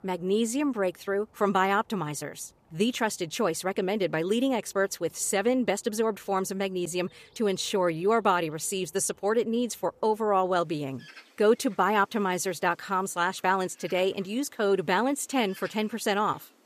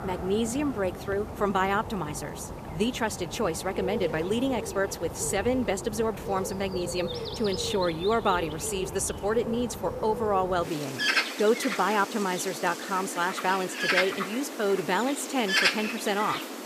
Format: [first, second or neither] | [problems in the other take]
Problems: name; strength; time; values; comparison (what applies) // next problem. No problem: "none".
first | animal sounds; loud; throughout; 4 dB below the speech; faint in the first